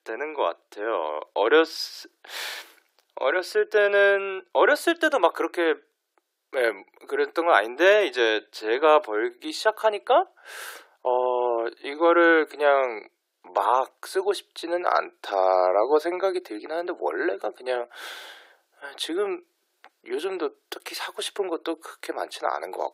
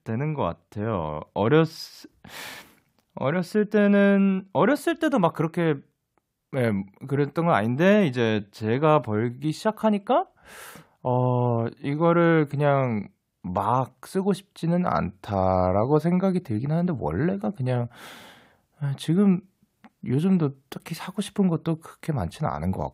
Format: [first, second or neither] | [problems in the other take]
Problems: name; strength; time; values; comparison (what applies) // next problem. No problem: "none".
second | thin; very; fading below 350 Hz